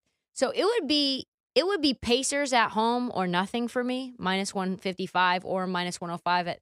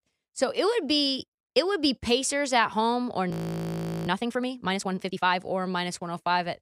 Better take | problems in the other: first | audio freezing; at 3.5 s for 0.5 s

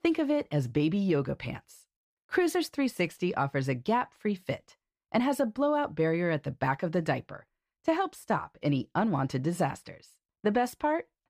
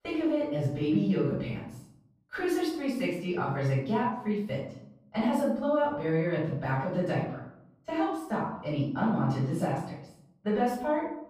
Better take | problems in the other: first | off-mic speech; far // room echo; noticeable; dies away in 0.7 s

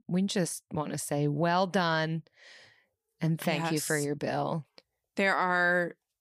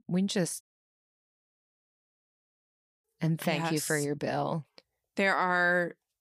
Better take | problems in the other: first | audio cutting out; at 0.5 s for 2.5 s

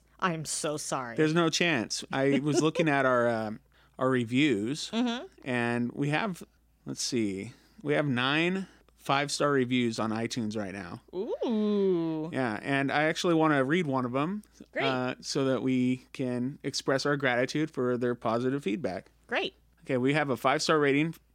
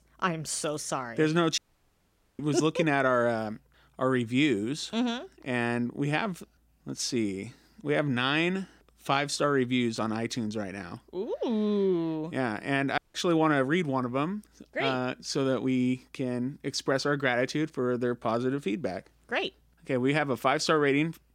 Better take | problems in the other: first | audio cutting out; at 1.5 s for 1 s and at 13 s

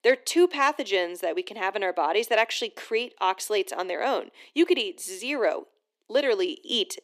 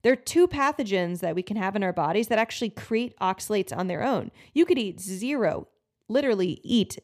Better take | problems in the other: second | thin; somewhat; fading below 300 Hz

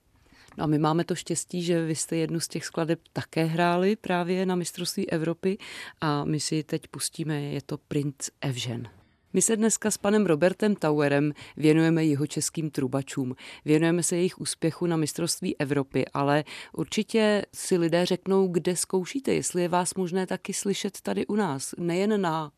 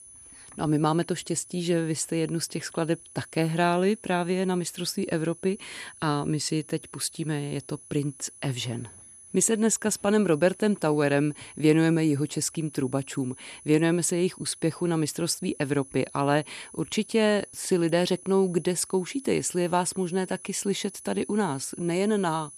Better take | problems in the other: first | high-pitched whine; noticeable; throughout; 10 kHz, 20 dB below the speech

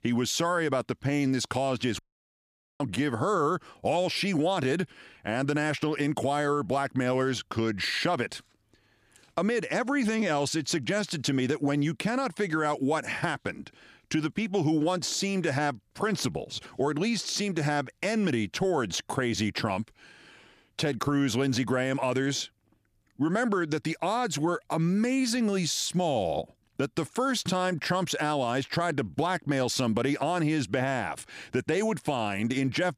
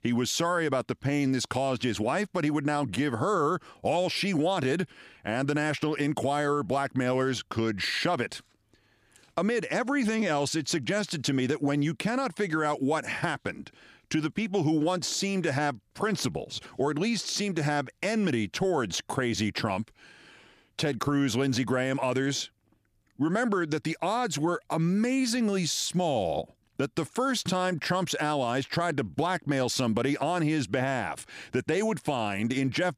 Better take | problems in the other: second | audio cutting out; at 2 s for 1 s

